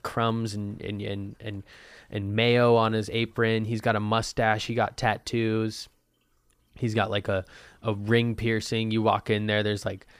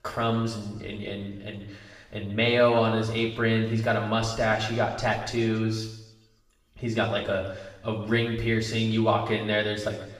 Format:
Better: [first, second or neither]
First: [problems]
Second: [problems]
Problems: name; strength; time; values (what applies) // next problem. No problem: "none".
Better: first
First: none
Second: room echo; noticeable; dies away in 0.9 s // off-mic speech; far